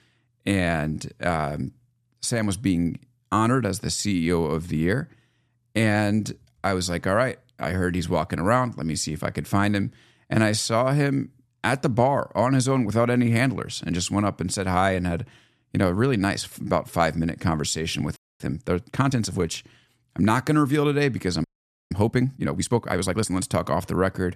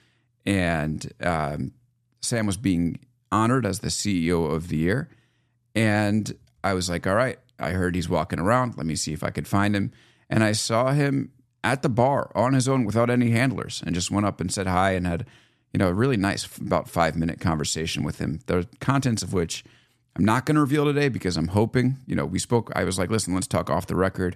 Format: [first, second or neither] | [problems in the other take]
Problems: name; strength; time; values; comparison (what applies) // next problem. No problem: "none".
second | audio freezing; at 18 s and at 21 s